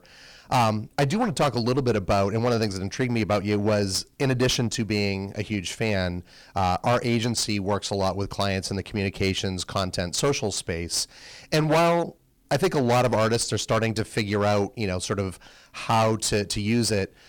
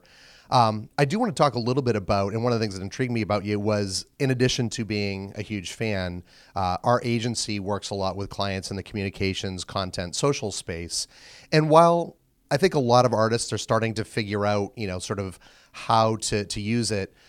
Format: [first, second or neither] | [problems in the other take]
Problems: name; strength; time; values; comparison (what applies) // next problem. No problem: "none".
second | distortion; heavy; 10% of the sound clipped